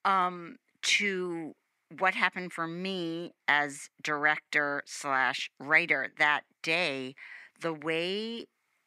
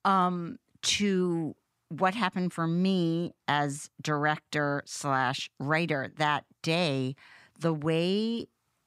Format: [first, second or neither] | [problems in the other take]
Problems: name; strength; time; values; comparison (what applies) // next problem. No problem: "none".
second | thin; somewhat; fading below 300 Hz